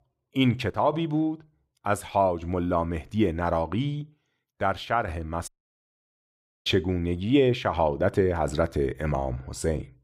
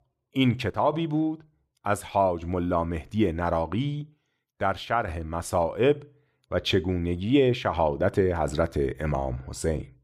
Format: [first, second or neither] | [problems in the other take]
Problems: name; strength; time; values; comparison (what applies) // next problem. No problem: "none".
second | audio cutting out; at 5.5 s for 1 s